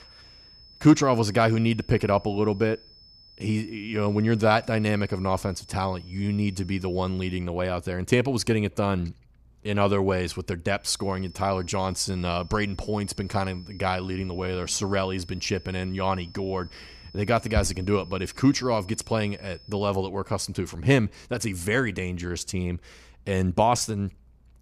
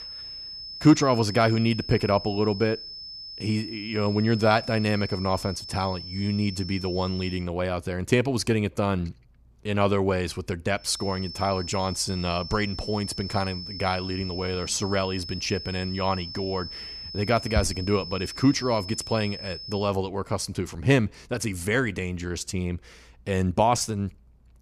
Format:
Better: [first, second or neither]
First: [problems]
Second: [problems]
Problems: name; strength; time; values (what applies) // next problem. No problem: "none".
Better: first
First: high-pitched whine; faint; until 7.5 s and from 11 to 20 s; 5 kHz, 25 dB below the speech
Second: high-pitched whine; loud; until 7.5 s and from 11 to 20 s; 5 kHz, 10 dB below the speech